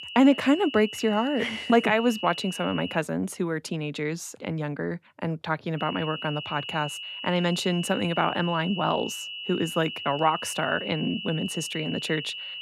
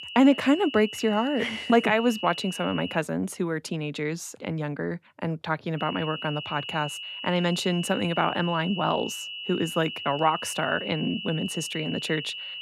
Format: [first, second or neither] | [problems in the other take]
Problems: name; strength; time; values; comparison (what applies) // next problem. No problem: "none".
neither | high-pitched whine; loud; until 3 s and from 6 s on; 3 kHz, 8 dB below the speech; the same in both